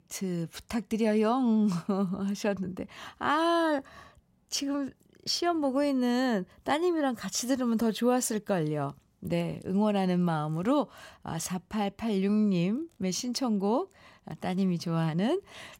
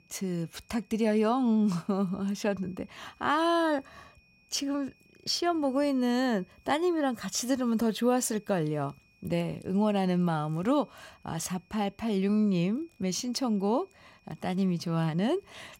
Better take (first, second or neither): first